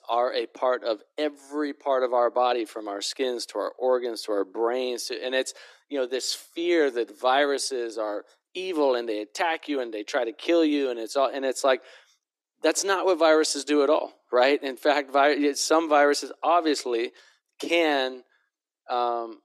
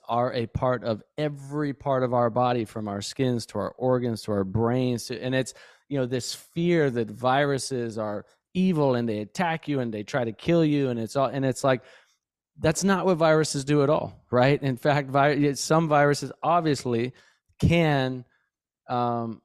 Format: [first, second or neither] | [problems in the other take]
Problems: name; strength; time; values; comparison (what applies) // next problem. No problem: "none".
second | thin; somewhat; fading below 300 Hz